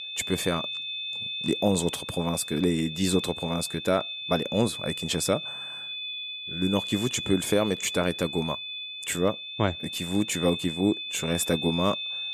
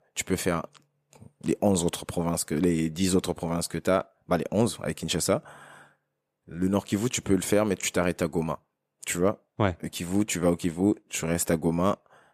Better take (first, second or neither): second